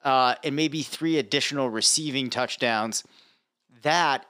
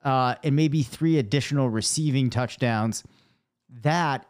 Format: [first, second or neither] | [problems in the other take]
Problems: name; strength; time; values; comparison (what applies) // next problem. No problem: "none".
second | thin; somewhat; fading below 350 Hz